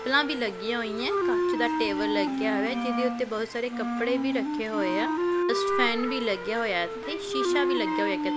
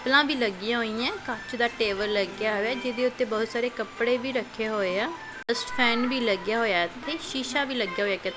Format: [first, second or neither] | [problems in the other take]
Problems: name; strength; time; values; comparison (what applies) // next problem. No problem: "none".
second | background sound (Wind instrument, woodwind instrument); 1 dB above the speech